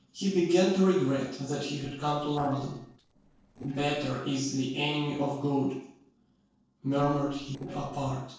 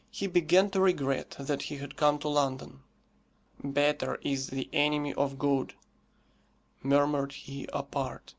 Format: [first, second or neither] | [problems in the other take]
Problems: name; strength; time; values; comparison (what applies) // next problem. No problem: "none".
second | noise reduction (neural separator model SepFormer DNS4)